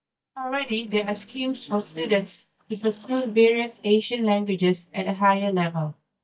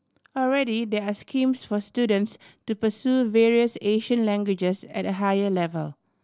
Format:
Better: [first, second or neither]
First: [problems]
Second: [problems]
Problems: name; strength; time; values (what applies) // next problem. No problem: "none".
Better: second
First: noise reduction (neural mask model DeepFilterNet 3)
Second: none